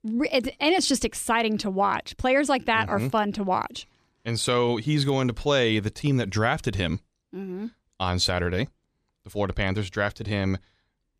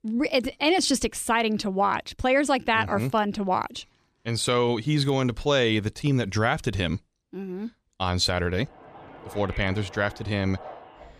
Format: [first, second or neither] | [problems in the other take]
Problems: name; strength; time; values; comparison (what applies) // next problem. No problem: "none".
first | train or aircraft noise; noticeable; from 9 s on; 20 dB below the speech